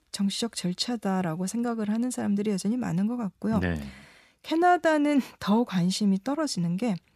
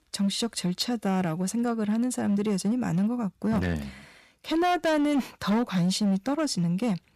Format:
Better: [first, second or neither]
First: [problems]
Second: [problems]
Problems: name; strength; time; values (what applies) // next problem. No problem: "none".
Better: first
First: none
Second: distortion; slight; 12% of the sound clipped